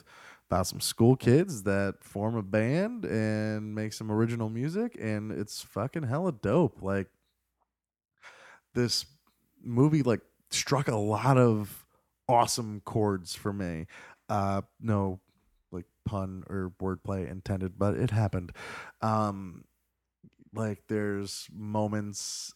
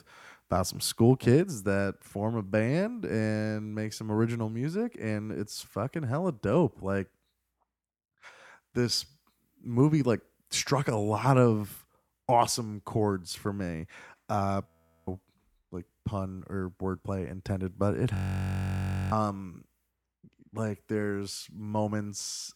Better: first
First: none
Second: audio freezing; at 15 s and at 18 s for 1 s

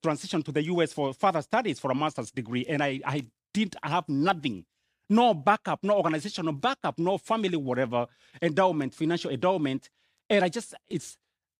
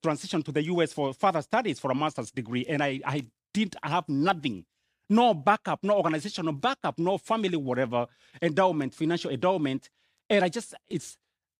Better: neither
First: none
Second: none

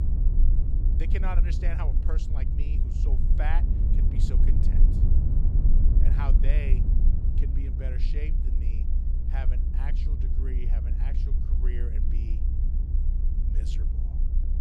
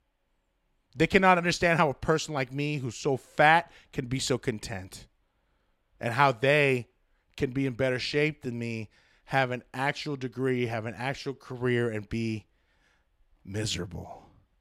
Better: second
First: low rumble; loud; throughout; 3 dB below the speech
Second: none

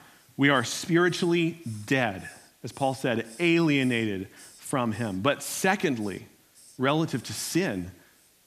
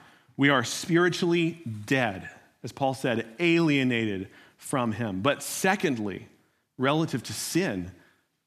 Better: second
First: hiss; faint; throughout; 25 dB below the speech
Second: none

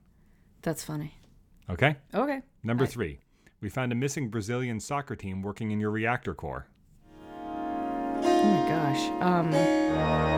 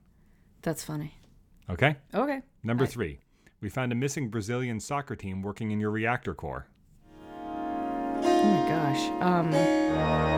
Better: neither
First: background music; very loud; from 7.5 s on; 3 dB above the speech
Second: background music; very loud; from 7.5 s on; 3 dB above the speech

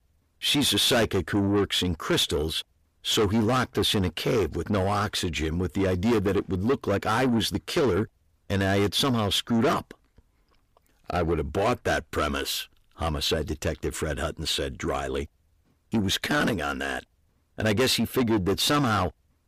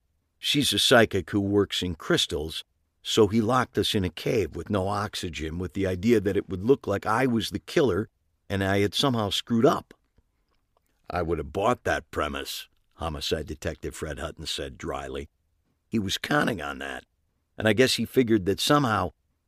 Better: second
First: distortion; heavy; 7 dB below the speech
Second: none

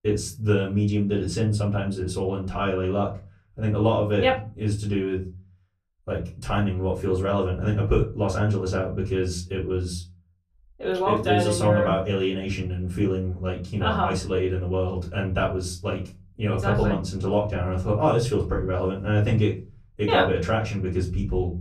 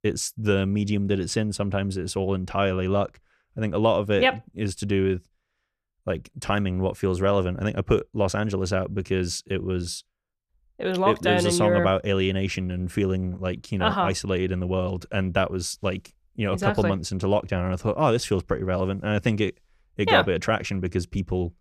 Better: second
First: off-mic speech; far // room echo; slight; dies away in 0.4 s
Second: none

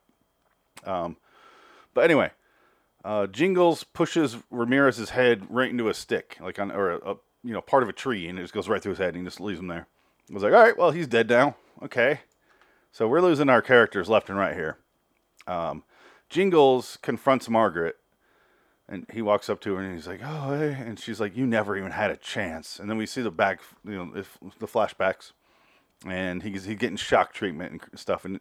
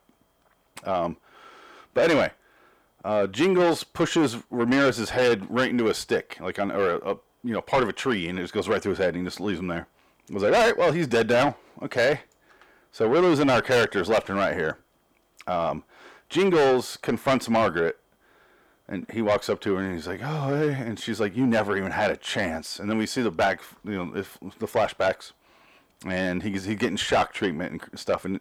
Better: first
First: none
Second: distortion; heavy; 7 dB below the speech

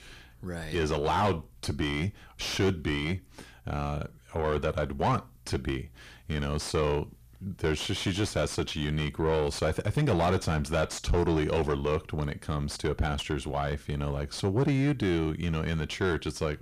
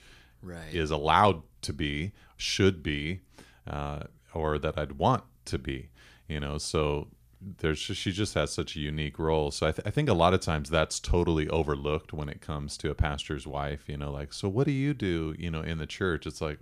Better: second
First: distortion; heavy; 6 dB below the speech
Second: none

